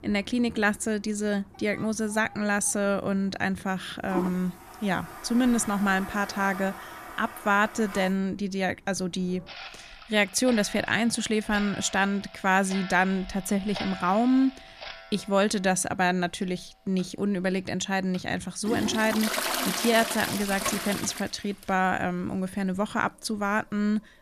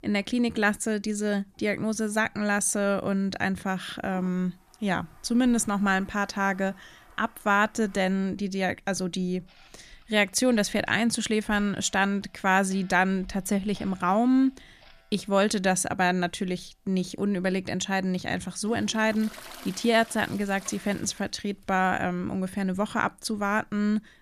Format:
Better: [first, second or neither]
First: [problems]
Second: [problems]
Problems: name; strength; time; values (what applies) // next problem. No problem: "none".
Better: second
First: household noises; loud; throughout; 8 dB below the speech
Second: household noises; faint; throughout; 25 dB below the speech